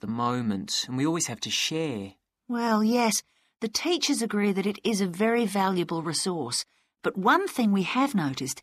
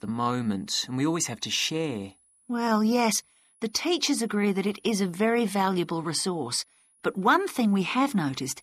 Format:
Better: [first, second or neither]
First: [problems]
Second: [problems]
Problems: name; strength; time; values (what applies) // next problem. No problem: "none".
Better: first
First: none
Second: high-pitched whine; faint; throughout; 10.5 kHz, 35 dB below the speech